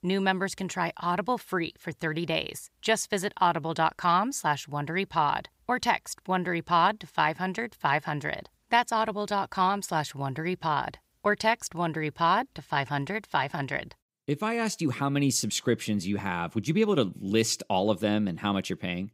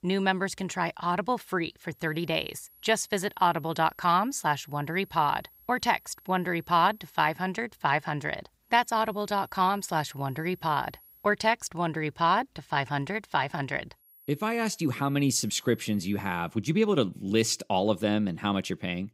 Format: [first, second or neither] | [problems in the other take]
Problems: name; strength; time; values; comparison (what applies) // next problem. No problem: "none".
first | high-pitched whine; faint; from 2 to 7.5 s, from 8.5 to 11 s and from 14 to 16 s; 11.5 kHz, 25 dB below the speech